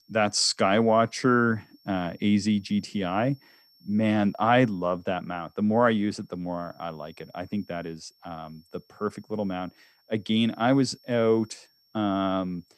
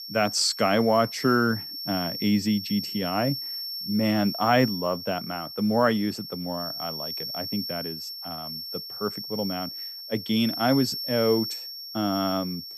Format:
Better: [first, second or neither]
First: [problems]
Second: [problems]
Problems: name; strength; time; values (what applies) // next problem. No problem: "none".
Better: first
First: high-pitched whine; faint; throughout; 5.5 kHz, 35 dB below the speech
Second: high-pitched whine; loud; throughout; 5.5 kHz, 7 dB below the speech